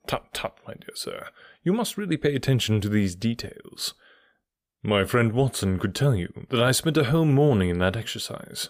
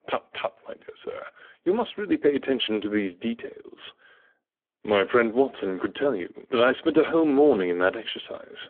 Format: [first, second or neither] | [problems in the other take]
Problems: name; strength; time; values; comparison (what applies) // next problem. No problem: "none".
first | phone-call audio; poor line